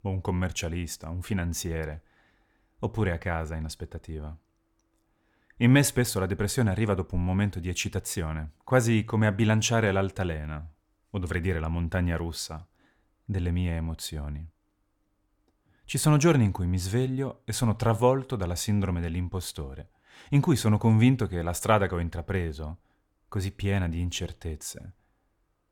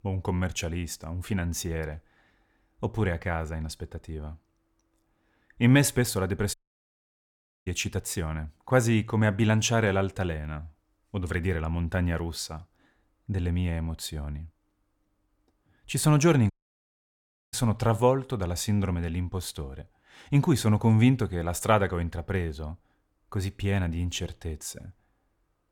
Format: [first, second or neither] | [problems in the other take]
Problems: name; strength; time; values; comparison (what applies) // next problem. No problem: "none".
first | audio cutting out; at 6.5 s for 1 s and at 17 s for 1 s